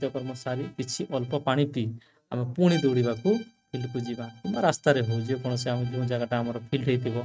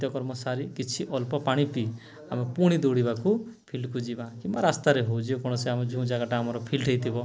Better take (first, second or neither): second